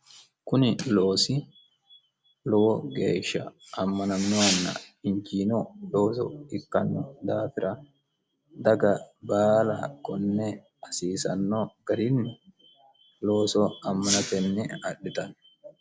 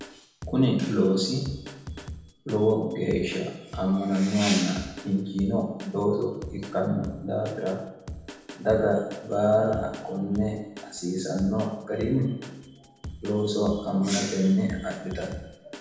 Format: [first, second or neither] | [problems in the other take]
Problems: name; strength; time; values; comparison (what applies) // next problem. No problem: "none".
first | background sound (Drum kit); 16 dB below the speech // room echo; dies away in 0.9 s